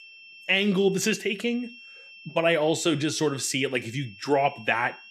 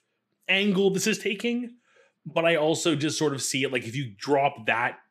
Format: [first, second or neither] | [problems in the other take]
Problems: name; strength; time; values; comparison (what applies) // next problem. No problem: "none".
second | high-pitched whine; faint; throughout; 2.5 kHz, 20 dB below the speech